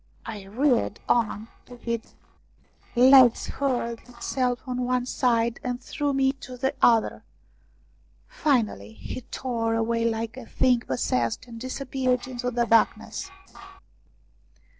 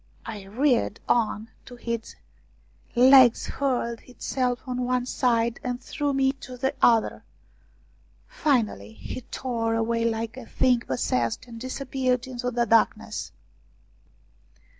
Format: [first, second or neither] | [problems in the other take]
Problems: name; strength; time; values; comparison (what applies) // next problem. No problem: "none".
second | noise reduction (neural separator model SepFormer DNS4)